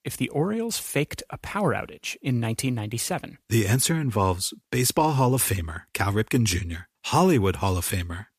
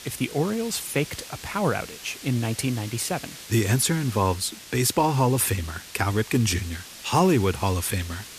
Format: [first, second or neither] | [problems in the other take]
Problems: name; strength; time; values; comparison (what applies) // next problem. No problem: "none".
first | hiss; noticeable; throughout; 15 dB below the speech